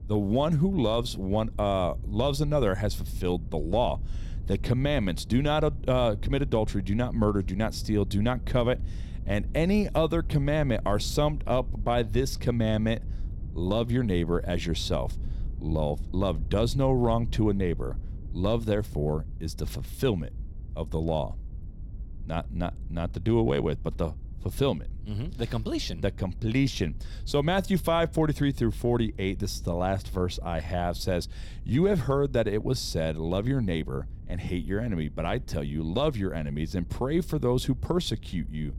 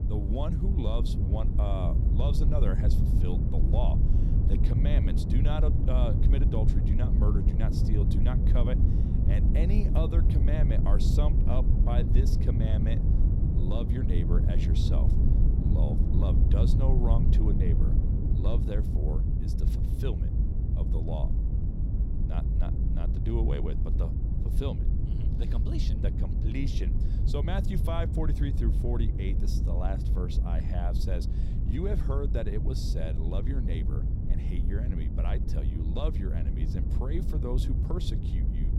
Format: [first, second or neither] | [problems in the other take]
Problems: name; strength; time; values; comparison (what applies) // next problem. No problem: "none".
first | low rumble; loud; throughout; 2 dB below the speech; faint in the first